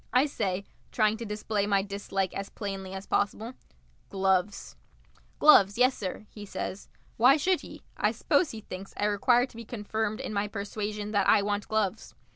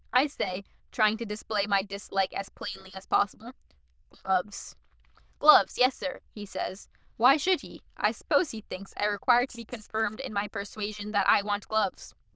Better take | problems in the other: first | noise reduction (neural diffusion model UNIVERSE++)

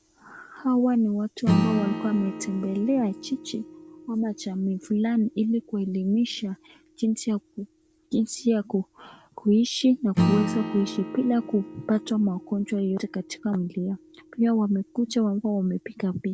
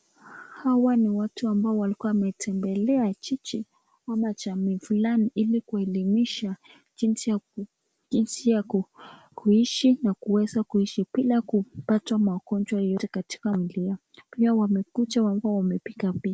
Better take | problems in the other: second | background sound (Acoustic guitar / Strum); 8 dB below the speech

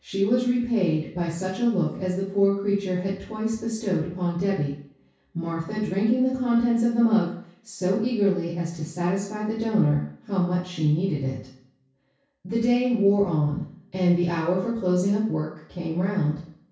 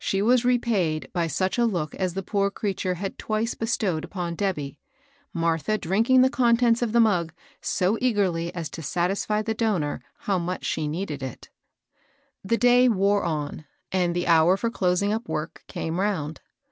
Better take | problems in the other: second | room echo; dies away in 0.6 s

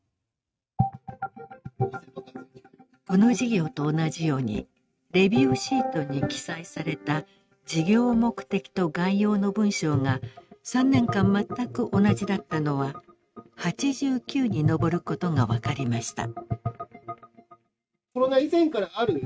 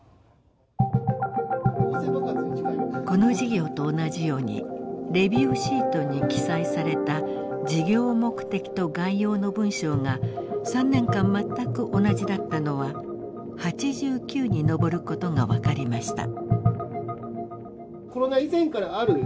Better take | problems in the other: second | noise reduction (neural mask model RNNoise)

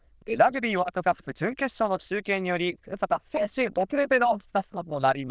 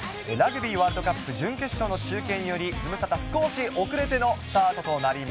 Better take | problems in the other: second | noise reduction (neural diffusion model UNIVERSE++)

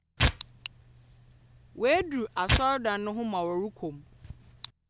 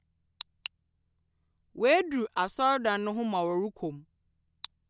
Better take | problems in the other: second | background sound (Tearing); 3 dB below the speech

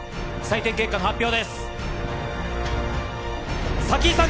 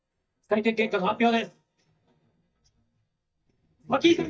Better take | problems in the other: first | noise reduction (neural mask model DeepFilterNet 3)

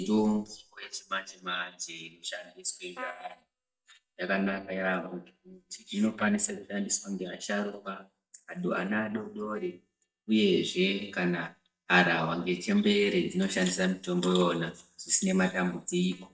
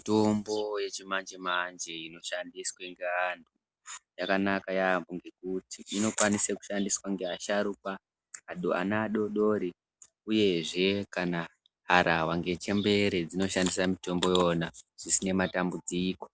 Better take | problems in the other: second | noise reduction (neural mask model DeepFilterNet 3)

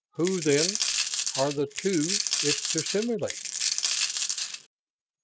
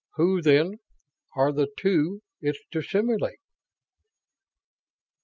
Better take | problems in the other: second | background sound (Coin (dropping)); 1 dB above the speech

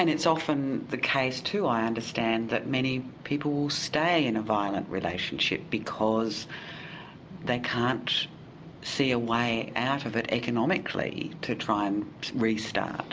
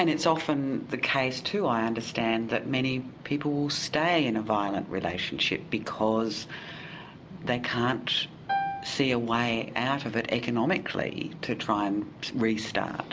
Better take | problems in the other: first | background sound (Piano); 6 dB below the speech

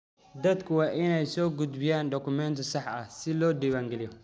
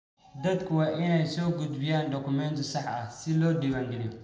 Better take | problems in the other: first | room echo; dies away in 0.9 s

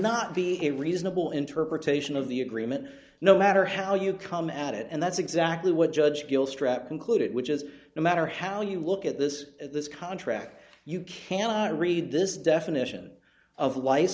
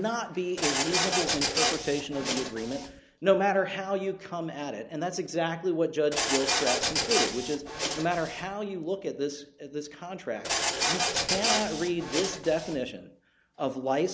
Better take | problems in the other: first | background sound (Printer); 1 dB above the speech

